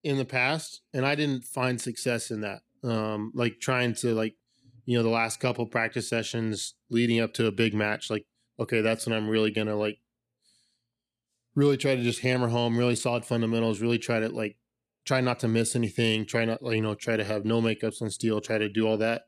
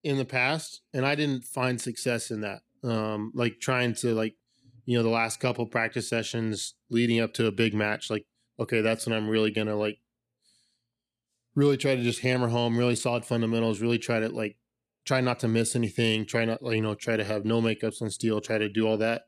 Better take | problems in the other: neither | none

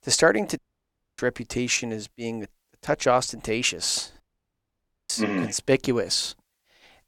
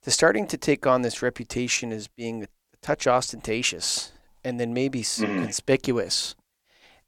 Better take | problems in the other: second | audio cutting out; at 0.5 s for 0.5 s and at 4 s for 1 s

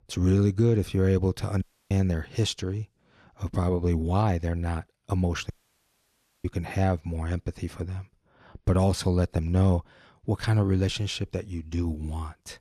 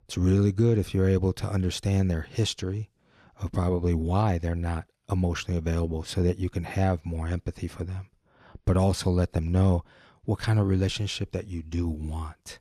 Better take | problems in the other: second | audio cutting out; at 1.5 s and at 5.5 s for 1 s

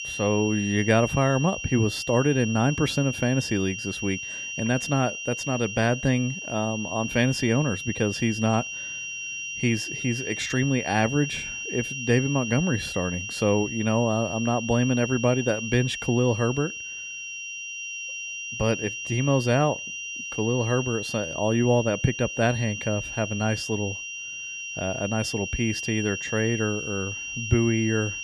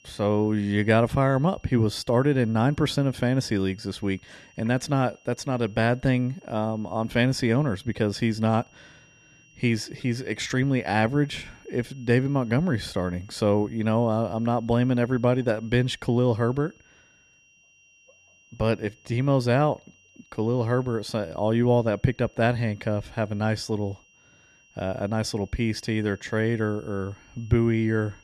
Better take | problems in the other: second | high-pitched whine; loud; throughout; 3 kHz, 6 dB below the speech; faint in the second

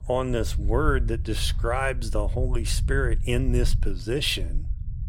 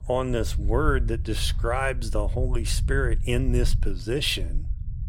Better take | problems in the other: neither | low rumble; noticeable; throughout; 20 dB below the speech; the same in both

